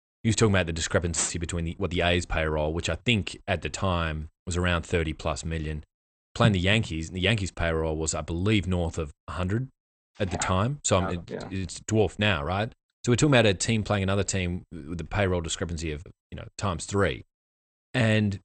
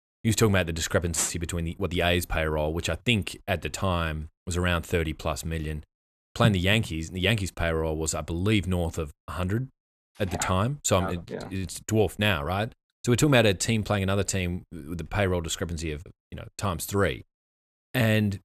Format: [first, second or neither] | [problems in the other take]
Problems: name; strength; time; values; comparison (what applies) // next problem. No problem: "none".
second | garbled, watery; slightly; nothing above 8.5 kHz